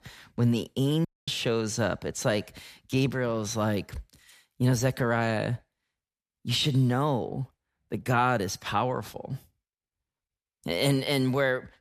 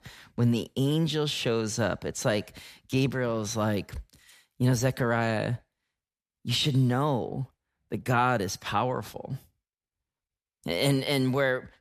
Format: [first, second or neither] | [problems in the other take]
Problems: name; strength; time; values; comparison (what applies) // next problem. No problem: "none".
second | audio cutting out; at 1 s